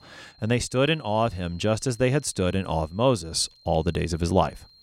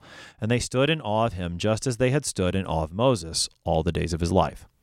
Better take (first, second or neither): second